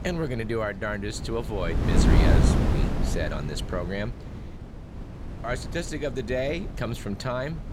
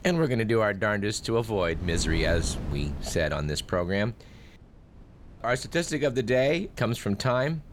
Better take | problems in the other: second | wind noise on the microphone; heavy; 3 dB below the speech; occasional gusts in the second

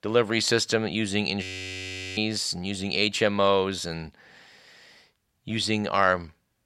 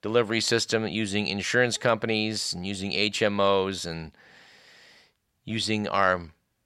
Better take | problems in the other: second | audio freezing; at 1.5 s for 0.5 s

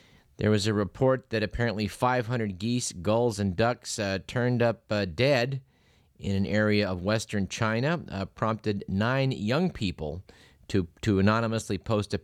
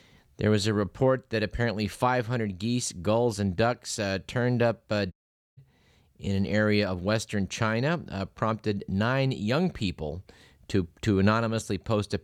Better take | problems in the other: first | audio cutting out; at 5 s

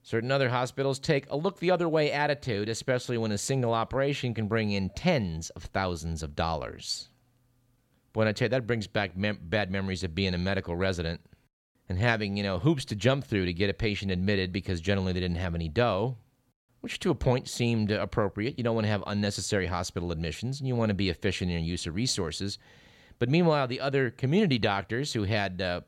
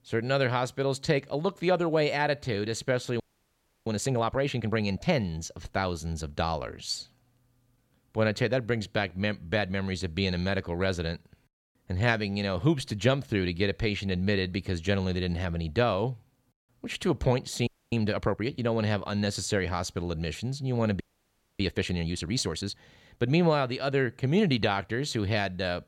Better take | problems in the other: first | audio freezing; at 3 s for 0.5 s, at 18 s and at 21 s for 0.5 s

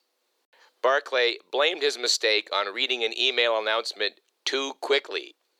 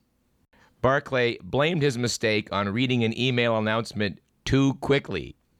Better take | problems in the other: second | thin; very; fading below 400 Hz

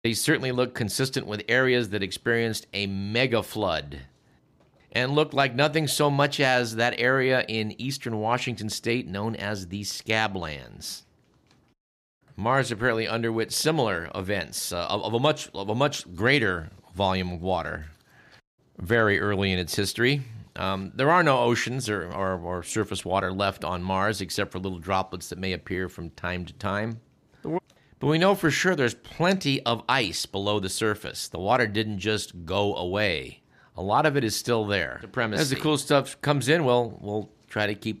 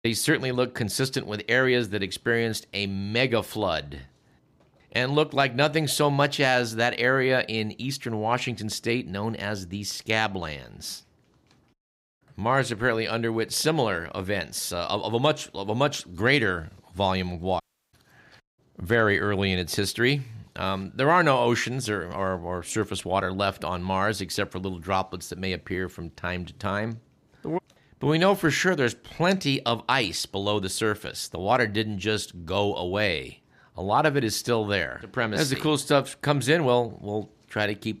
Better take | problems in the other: first | audio cutting out; at 18 s

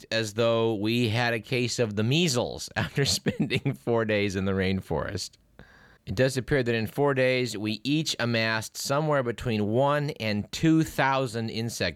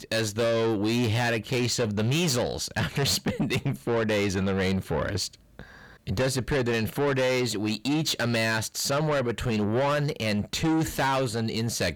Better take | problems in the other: first | distortion; heavy; 8 dB below the speech

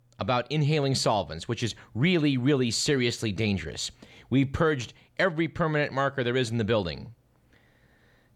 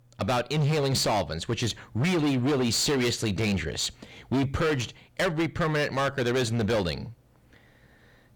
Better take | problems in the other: first | distortion; heavy; 17% of the sound clipped

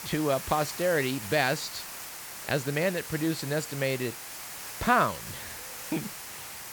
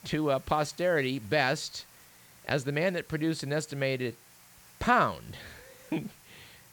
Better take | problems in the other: second | hiss; loud; throughout; 9 dB below the speech; faint in the second

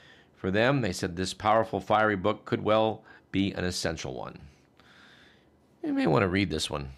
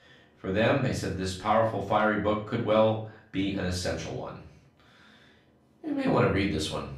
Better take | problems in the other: first | room echo; slight; dies away in 0.4 s // off-mic speech; far

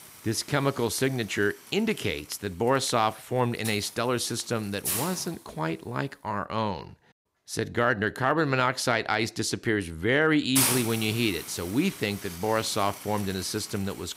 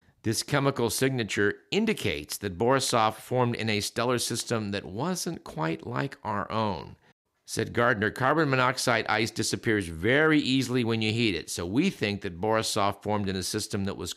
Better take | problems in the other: second | hiss; loud; until 6.5 s and from 11 s on; 4 dB below the speech

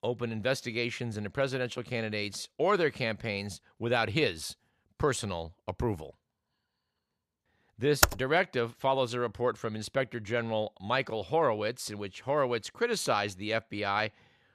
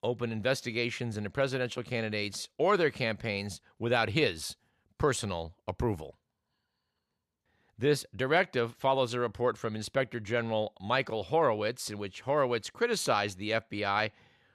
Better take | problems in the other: second | keyboard typing; very faint; at 8 s; peak 5 dB above the speech

